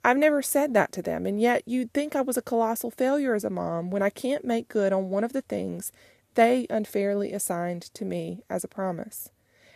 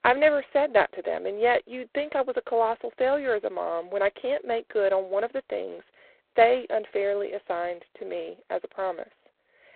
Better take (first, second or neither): first